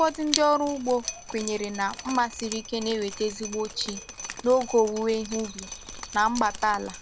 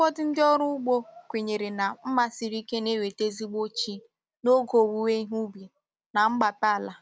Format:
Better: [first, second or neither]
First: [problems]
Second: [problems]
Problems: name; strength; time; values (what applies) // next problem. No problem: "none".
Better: second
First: background sound (Drip); 11 dB below the speech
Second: none